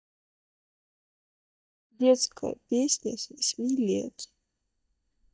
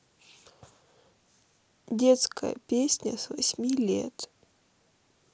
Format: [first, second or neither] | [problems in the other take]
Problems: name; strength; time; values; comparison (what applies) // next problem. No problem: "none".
second | noise reduction (neural mask model DeepFilterNet 3)